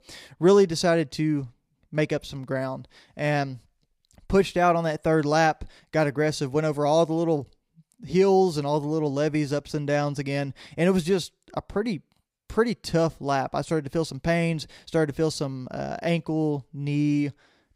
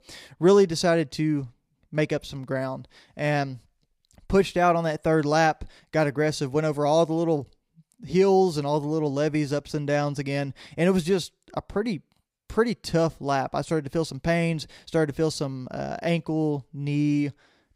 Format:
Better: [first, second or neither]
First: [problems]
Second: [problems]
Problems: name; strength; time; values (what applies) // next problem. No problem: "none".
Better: neither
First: none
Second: none